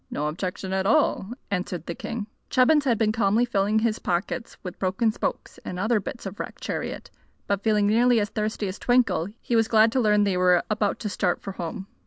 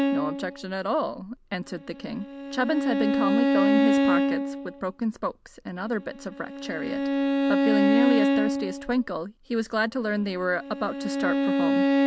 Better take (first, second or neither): first